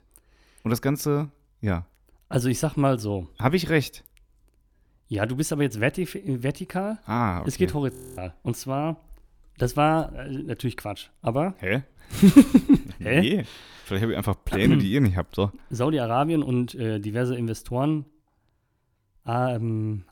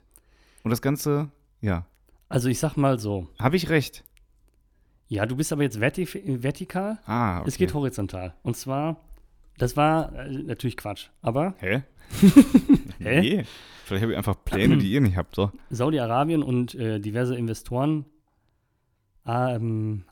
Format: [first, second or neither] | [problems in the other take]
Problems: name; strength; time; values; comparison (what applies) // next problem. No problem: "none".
second | audio freezing; at 8 s